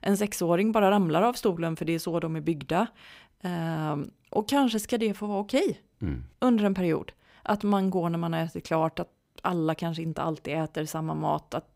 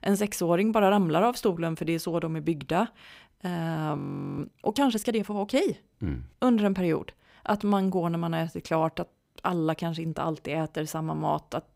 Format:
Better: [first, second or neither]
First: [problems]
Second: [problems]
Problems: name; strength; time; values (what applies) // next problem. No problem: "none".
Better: first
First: none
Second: audio freezing; at 4 s